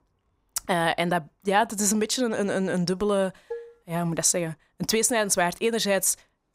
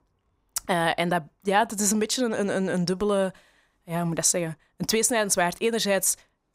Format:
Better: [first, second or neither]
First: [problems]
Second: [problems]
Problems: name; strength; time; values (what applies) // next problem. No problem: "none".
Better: second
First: clattering dishes; faint; at 3.5 s; peak 15 dB below the speech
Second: none